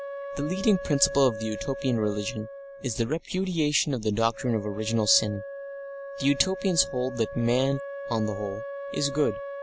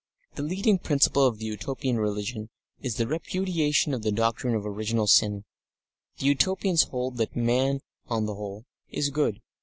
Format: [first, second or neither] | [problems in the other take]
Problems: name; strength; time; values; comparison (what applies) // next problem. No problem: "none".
second | background sound (Wind instrument, woodwind instrument); 10 dB below the speech